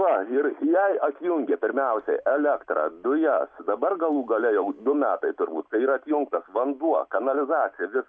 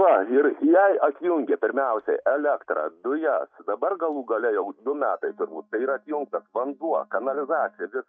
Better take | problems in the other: first | noise reduction (neural mask model DeepFilterNet 3)

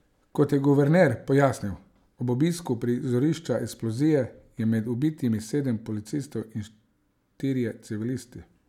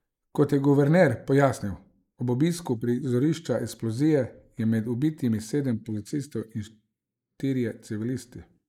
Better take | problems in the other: first | noise reduction (neural mask model Resemble Enhance denoiser)

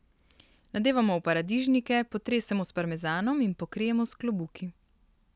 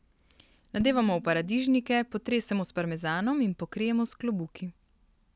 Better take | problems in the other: first | background sound (Dishes, pots, and pans); 17 dB below the speech

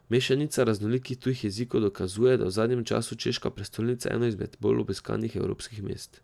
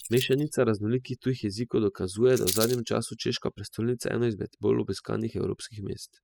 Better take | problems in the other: first | noise reduction (classical method spectral subtraction)

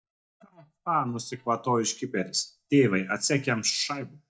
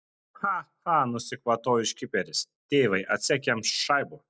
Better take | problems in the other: second | noise reduction (neural mask model DeepFilterNet 3)

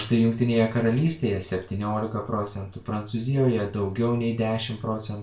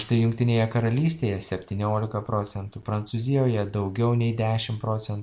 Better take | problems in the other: second | room echo; dies away in 0.3 s

